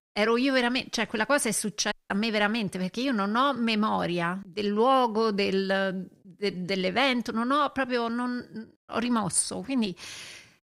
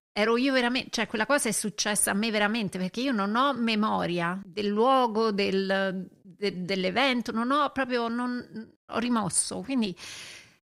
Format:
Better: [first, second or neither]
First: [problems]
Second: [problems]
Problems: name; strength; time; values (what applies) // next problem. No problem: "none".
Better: second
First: audio cutting out; at 2 s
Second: none